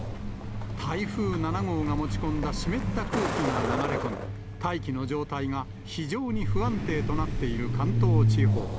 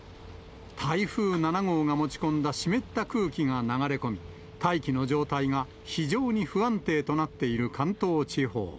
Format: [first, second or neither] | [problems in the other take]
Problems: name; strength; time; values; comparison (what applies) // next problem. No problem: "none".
second | background sound (Truck); 3 dB above the speech